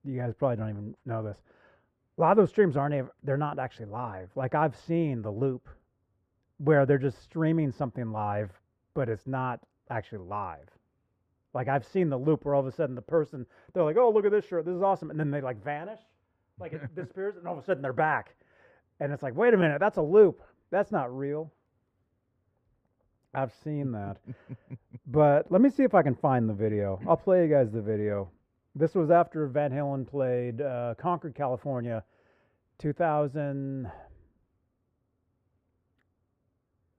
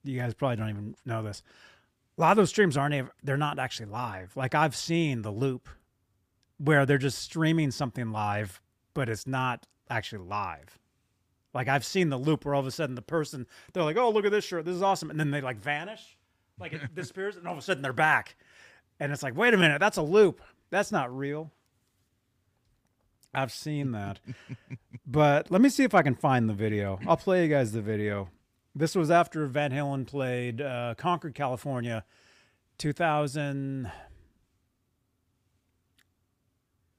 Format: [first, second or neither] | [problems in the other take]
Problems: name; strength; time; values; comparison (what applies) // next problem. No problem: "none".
second | muffled; very; fading above 2.5 kHz